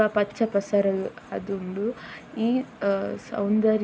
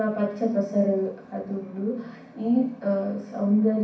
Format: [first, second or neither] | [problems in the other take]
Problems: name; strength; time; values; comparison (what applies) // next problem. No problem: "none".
first | room echo; dies away in 0.6 s